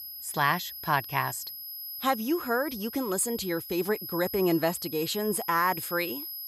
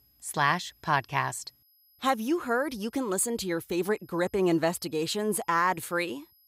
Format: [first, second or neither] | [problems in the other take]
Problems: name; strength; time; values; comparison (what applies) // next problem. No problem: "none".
second | high-pitched whine; loud; throughout; 11.5 kHz, 9 dB below the speech; faint in the second